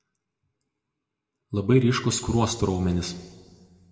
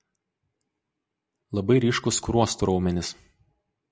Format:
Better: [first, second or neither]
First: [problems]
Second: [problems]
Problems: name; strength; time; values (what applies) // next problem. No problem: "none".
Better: second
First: room echo; dies away in 1.2 s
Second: none